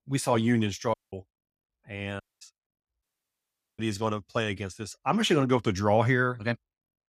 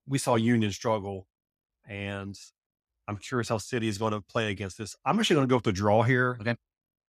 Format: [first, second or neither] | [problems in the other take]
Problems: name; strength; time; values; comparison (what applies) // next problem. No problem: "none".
second | audio cutting out; at 1 s, at 2 s and at 3 s for 1 s